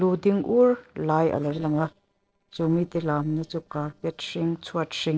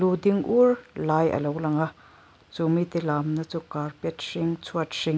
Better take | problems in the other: second | noise reduction (neural separator model SepFormer DNS4)

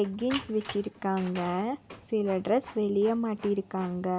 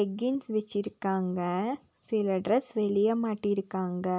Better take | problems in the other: second | background sound (Printer); 16 dB below the speech

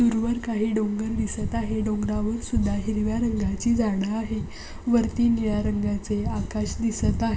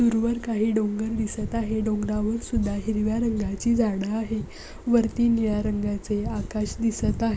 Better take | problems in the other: second | room echo; dies away in 0.7 s

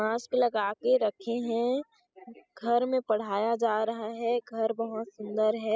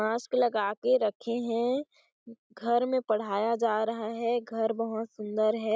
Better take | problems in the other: second | noise reduction (classical method spectral subtraction)

